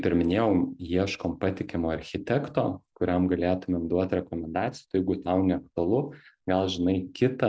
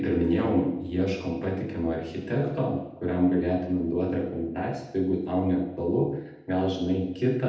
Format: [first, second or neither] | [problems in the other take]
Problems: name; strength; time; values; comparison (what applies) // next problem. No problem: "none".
first | room echo; dies away in 0.8 s